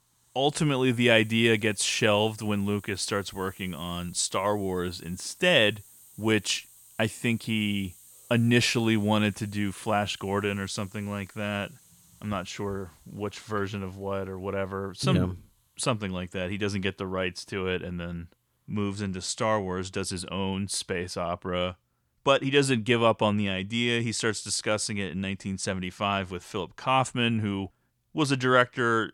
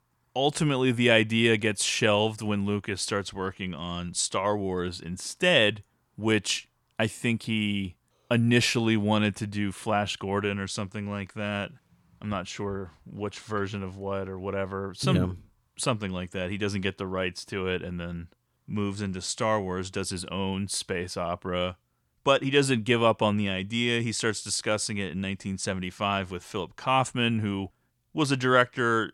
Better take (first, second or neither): second